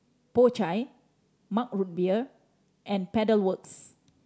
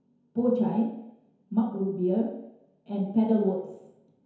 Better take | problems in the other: first | room echo; dies away in 0.9 s

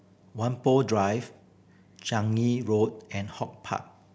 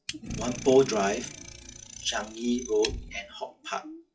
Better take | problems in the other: first | noise reduction (classical method WPE with log-MMSE)

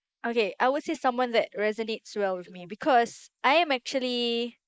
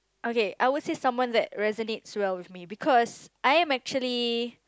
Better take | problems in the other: second | noise reduction (neural mask model Resemble Enhance denoiser)

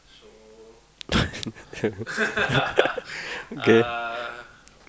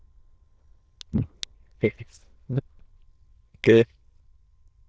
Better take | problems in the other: first | noise reduction (neural diffusion model UNIVERSE++)

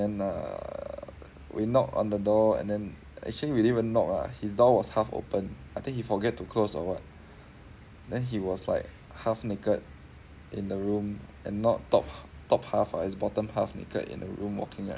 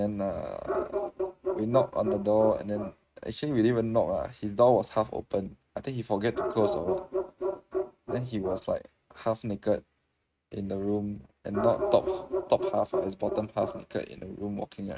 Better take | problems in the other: first | noise reduction (neural mask model RNNoise)

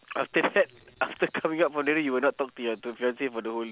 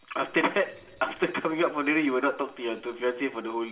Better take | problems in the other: first | room echo; dies away in 1.2 s

